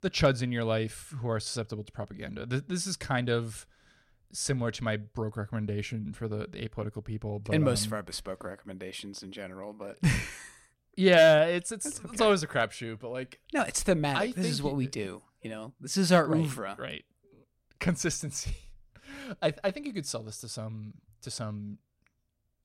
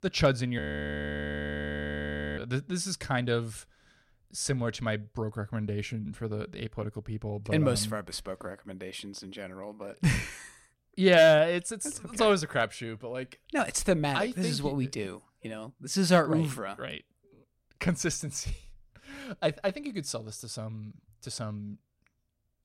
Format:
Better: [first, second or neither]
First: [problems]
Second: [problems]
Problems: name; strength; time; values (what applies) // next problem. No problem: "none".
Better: first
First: none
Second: audio freezing; at 0.5 s for 2 s